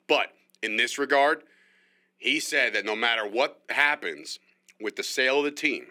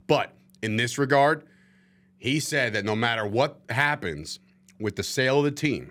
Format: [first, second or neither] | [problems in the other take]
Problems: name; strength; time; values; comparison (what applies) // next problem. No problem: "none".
second | thin; somewhat; fading below 300 Hz